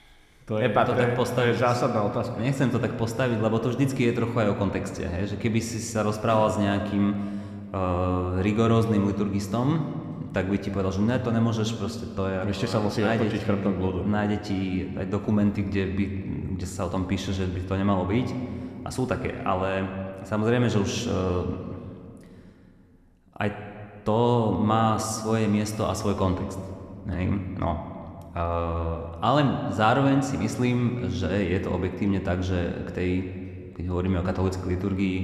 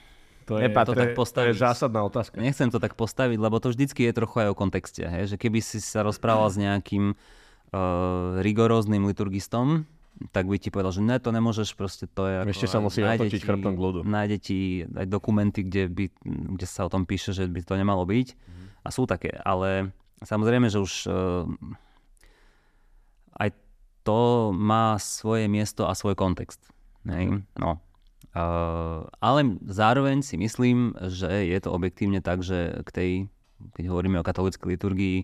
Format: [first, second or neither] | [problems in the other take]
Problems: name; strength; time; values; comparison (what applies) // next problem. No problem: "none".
second | room echo; slight; dies away in 1.7 s